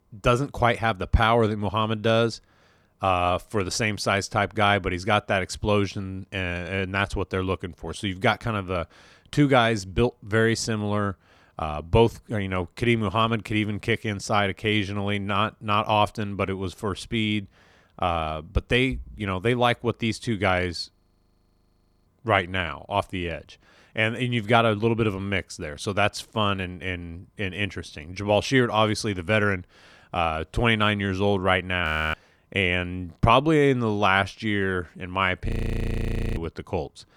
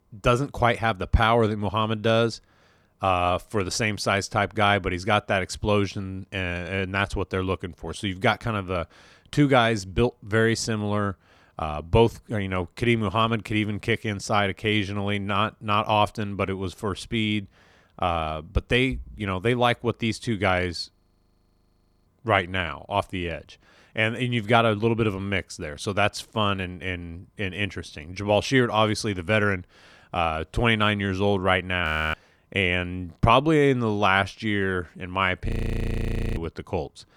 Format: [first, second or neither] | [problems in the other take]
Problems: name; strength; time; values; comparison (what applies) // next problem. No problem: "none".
neither | audio freezing; at 21 s for 1 s, at 32 s and at 35 s for 1 s; the same in both